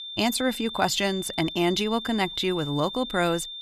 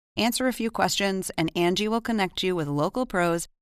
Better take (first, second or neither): second